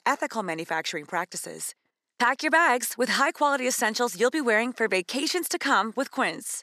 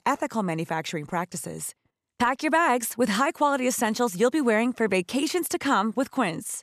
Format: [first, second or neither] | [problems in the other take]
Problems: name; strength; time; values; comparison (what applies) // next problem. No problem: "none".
second | thin; very slightly; fading below 300 Hz